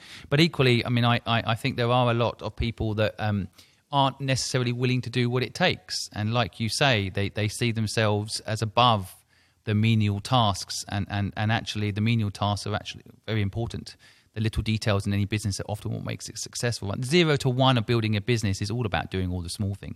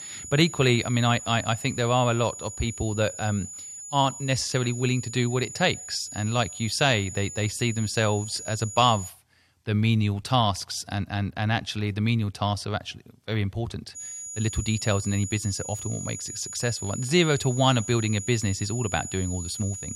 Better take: first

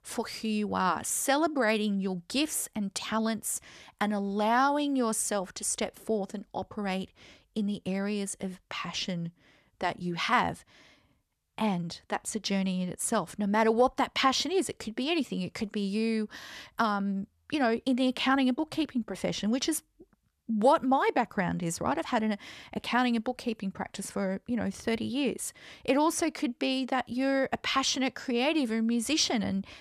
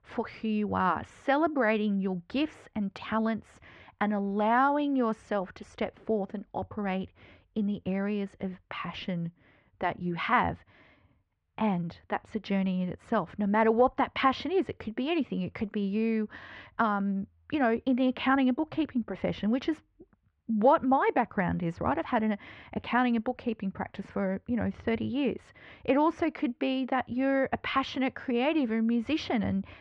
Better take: first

